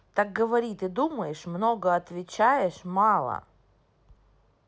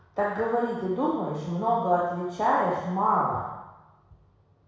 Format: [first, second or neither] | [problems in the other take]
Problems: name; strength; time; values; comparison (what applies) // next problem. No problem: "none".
first | room echo; dies away in 1.1 s